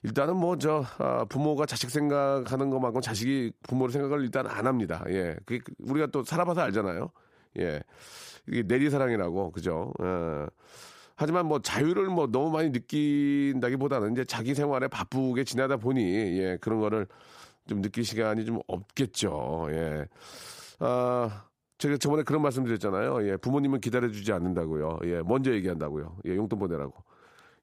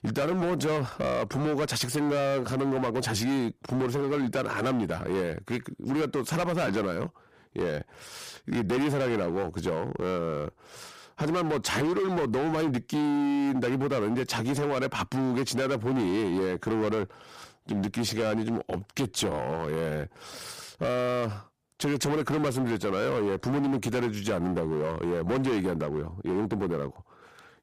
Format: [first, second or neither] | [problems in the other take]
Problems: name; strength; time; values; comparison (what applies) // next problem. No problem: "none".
first | distortion; heavy; 21% of the sound clipped